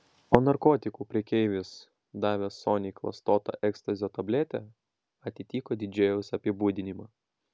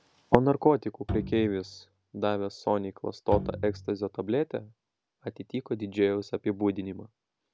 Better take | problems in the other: first | background sound (Bowed string instrument); 9 dB below the speech

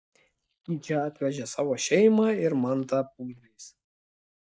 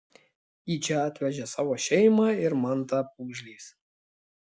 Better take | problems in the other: second | noise reduction (neural mask model DeepFilterNet 3)

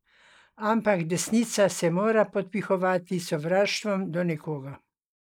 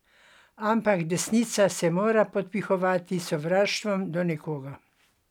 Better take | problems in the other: second | noise reduction (neural mask model Resemble Enhance denoiser)

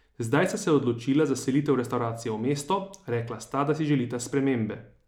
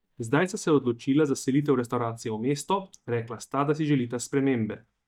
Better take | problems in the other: first | noise reduction (neural mask model DeepFilterNet 3)

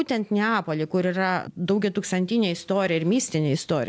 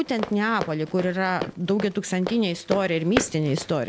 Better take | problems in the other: first | background sound (Run); 9 dB below the speech

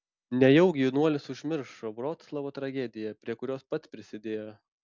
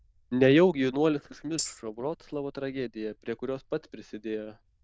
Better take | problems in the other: first | noise reduction (neural diffusion model UNIVERSE++)

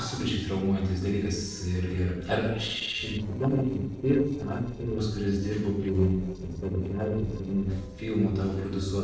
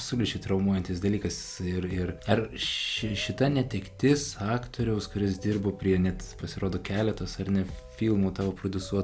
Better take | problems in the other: second | noise reduction (neural separator model SepFormer DNS4)

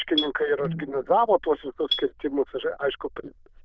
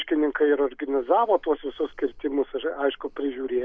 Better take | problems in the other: second | noise reduction (neural diffusion model UNIVERSE++)

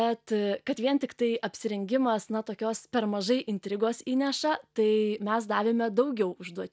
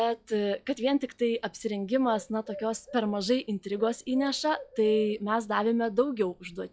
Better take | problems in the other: first | noise reduction (classical method log-MMSE)

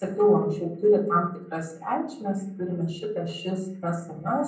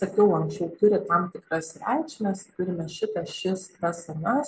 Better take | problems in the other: second | room echo; dies away in 0.6 s

